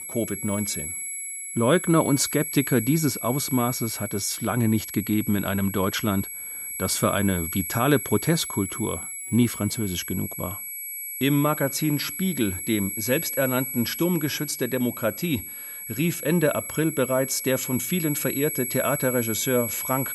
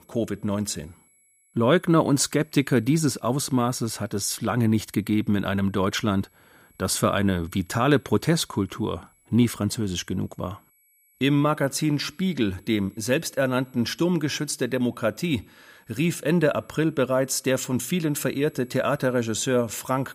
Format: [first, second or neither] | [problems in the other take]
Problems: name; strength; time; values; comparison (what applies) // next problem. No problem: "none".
second | high-pitched whine; loud; throughout; 11.5 kHz, 6 dB below the speech; faint in the second